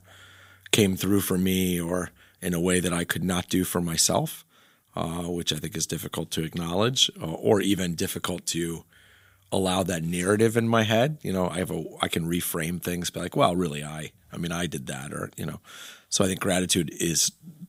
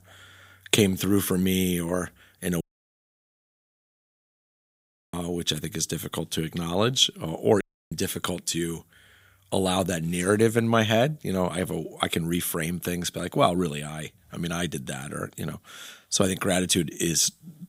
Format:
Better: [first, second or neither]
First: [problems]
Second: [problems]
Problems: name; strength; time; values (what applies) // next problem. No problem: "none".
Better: first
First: none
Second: audio cutting out; at 2.5 s for 2.5 s and at 7.5 s